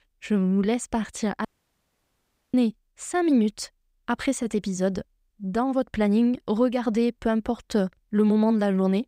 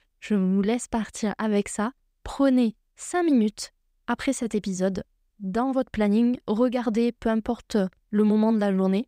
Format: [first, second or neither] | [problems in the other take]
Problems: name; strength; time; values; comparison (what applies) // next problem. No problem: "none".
second | audio cutting out; at 1.5 s for 1 s